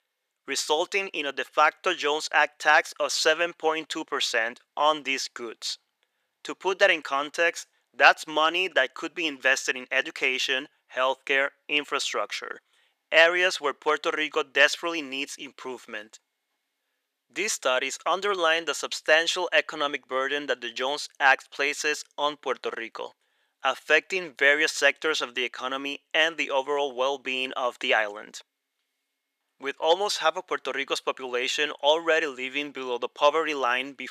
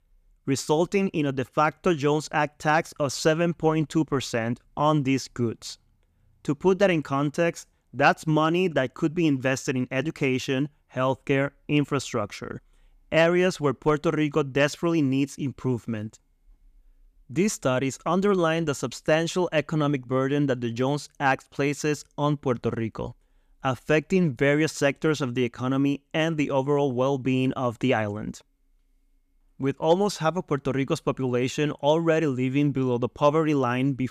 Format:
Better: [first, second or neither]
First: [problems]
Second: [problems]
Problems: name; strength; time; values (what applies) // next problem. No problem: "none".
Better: second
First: thin; very; fading below 500 Hz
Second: none